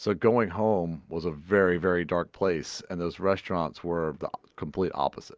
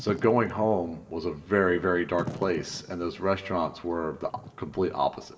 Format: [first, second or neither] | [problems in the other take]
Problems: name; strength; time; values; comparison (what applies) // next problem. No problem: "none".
first | background sound (Wind / Fire); 16 dB below the speech // room echo; dies away in 1.7 s